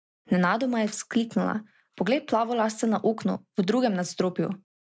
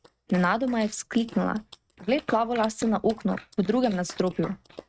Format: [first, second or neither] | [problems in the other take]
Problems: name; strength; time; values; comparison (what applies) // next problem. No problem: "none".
first | noise reduction (neural mask model RNNoise)